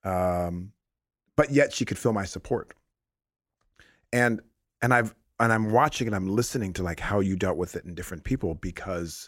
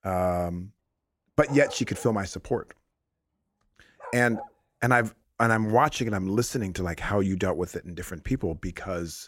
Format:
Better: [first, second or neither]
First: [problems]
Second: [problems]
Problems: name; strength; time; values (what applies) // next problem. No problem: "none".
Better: first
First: none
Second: dog barking; faint; from 1.5 to 4.5 s; peak 15 dB below the speech